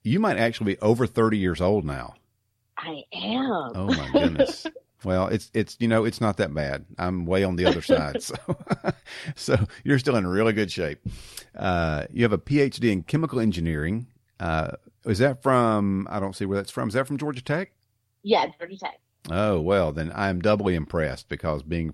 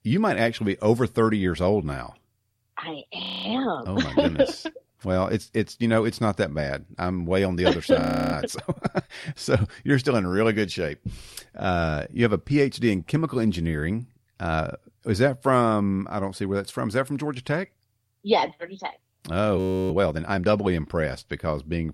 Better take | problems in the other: first | audio freezing; at 3 s, at 8 s and at 20 s

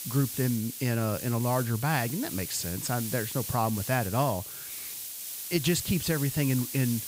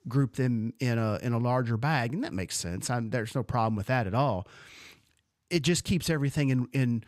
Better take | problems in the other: second | hiss; loud; throughout; 6 dB below the speech

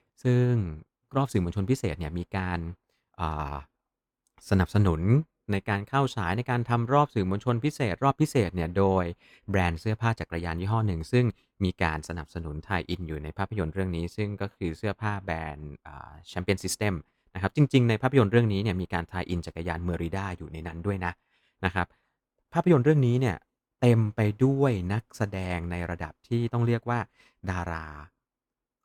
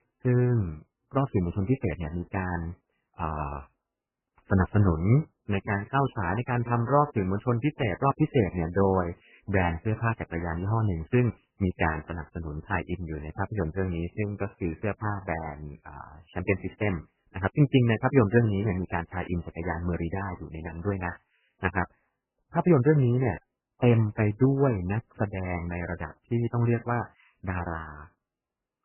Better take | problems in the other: first | garbled, watery; badly; nothing above 3 kHz

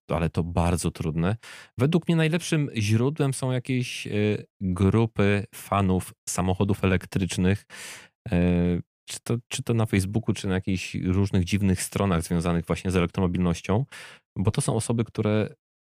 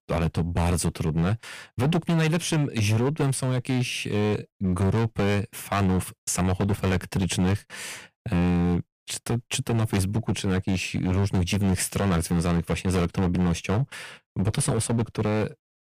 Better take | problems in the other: first | distortion; heavy; 13% of the sound clipped

